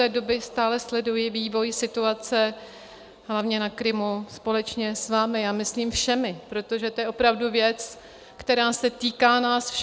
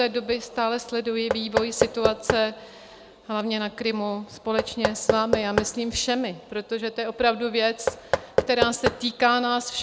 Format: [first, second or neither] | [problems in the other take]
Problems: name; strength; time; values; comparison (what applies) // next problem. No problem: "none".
first | background sound (Knock / Wood); 3 dB below the speech